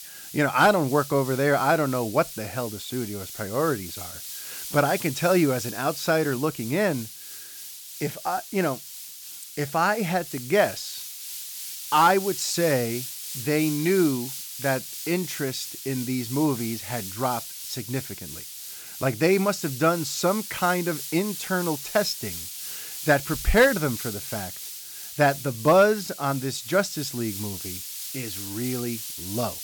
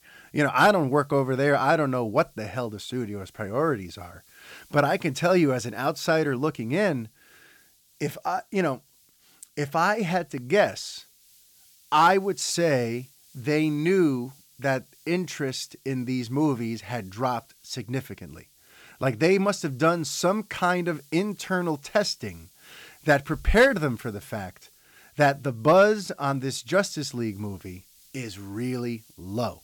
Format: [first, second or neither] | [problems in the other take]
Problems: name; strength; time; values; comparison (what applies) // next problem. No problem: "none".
second | hiss; loud; throughout; 9 dB below the speech; faint in the second